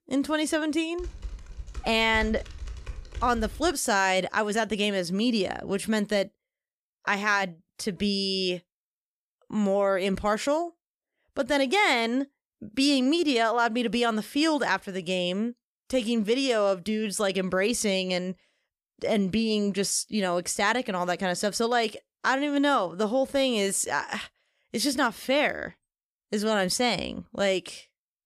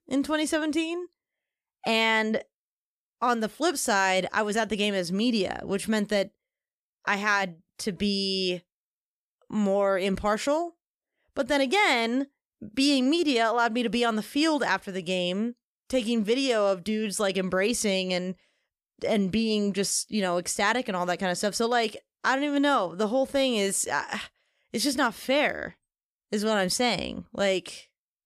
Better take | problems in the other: second | keyboard typing; faint; from 1 to 3.5 s; peak 10 dB below the speech

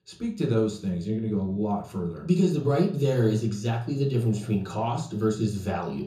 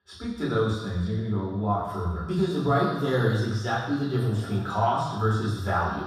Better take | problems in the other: first | room echo; strong; dies away in 1.2 s; slight in the first // off-mic speech; far; far in the first

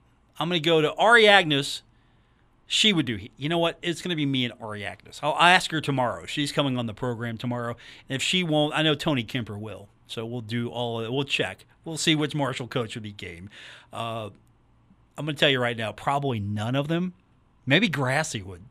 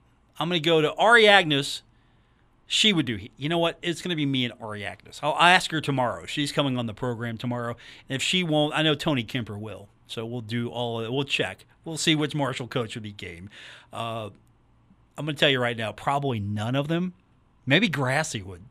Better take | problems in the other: neither | none

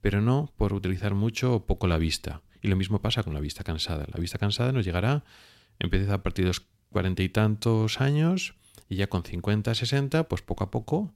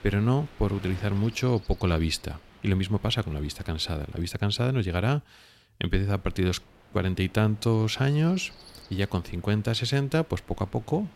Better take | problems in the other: first | wind noise on the microphone; occasional gusts; until 4.5 s and from 6 s on; 20 dB below the speech

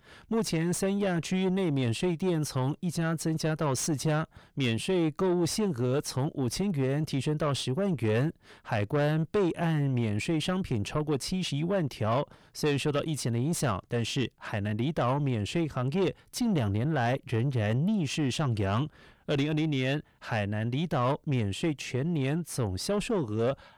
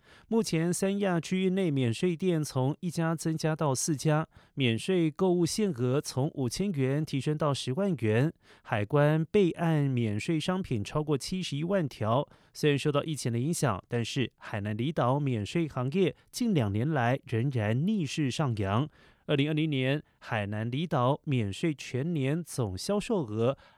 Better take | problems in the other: second | distortion; slight; 9 dB below the speech

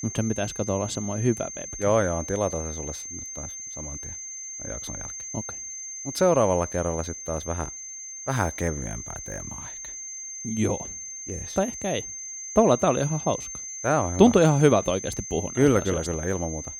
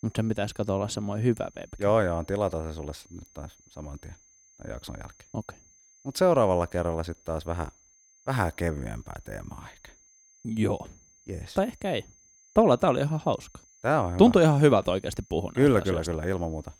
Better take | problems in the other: second | high-pitched whine; loud; throughout; 6.5 kHz, 9 dB below the speech; faint in the second

